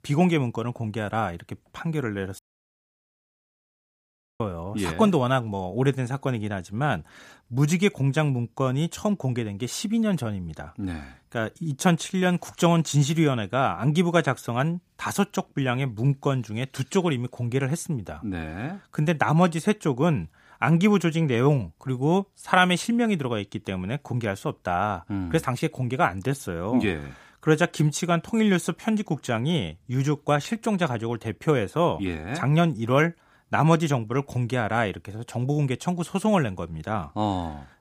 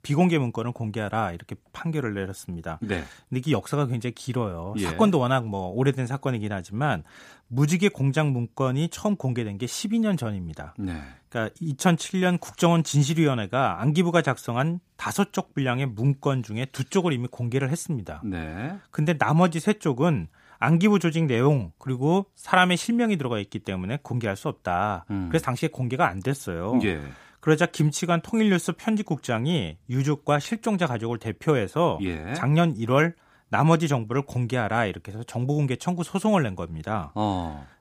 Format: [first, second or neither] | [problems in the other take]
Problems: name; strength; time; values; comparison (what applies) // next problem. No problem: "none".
second | audio cutting out; at 2.5 s for 2 s